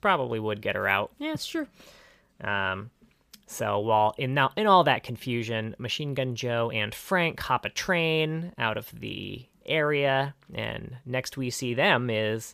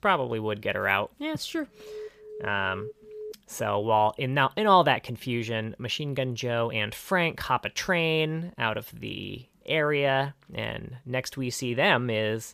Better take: first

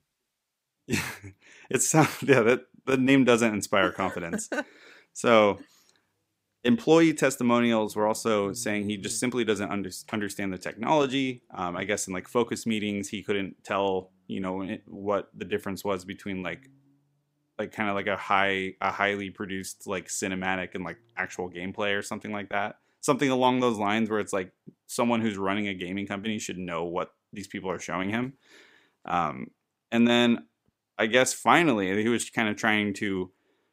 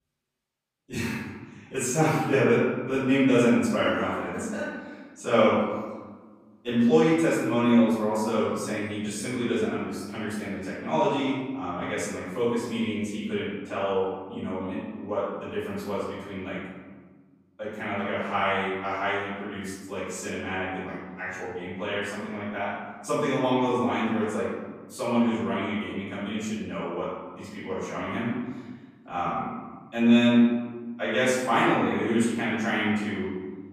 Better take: first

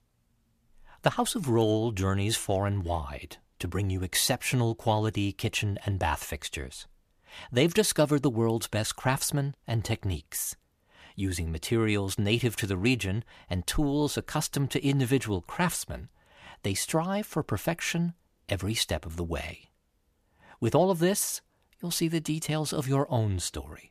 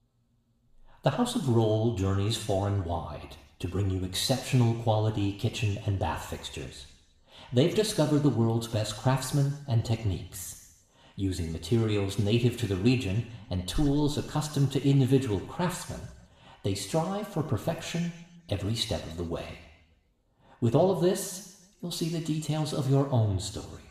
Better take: first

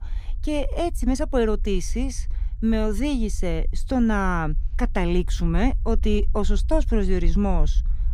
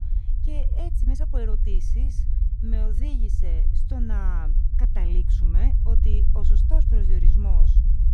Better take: first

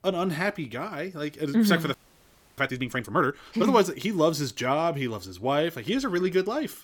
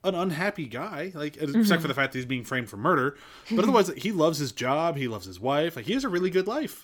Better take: second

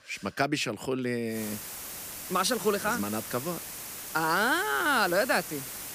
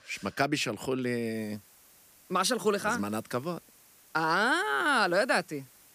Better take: second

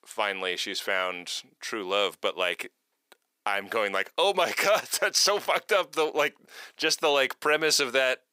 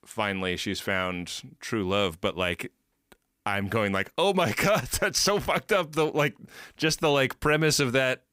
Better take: second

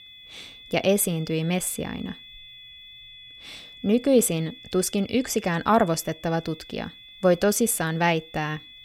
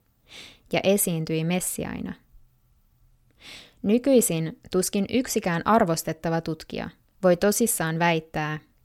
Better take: second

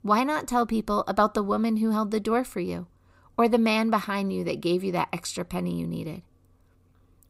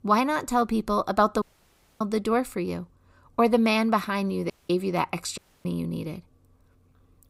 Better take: first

